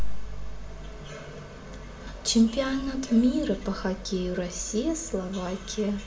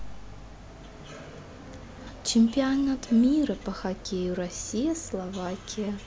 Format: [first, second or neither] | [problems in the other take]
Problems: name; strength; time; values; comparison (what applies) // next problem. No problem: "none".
second | room echo; dies away in 0.8 s